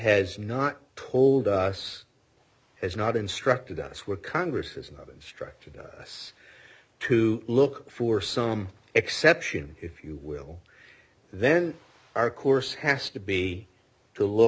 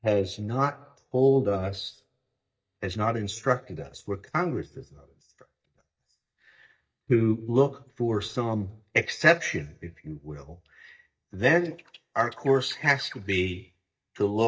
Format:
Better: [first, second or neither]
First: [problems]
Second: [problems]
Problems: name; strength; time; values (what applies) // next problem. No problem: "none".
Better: first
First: none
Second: noise reduction (neural mask model DeepFilterNet 3)